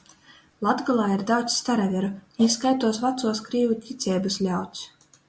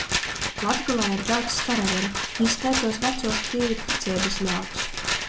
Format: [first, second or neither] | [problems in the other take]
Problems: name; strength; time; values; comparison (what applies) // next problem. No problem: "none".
first | background sound (Rattle); 1 dB below the speech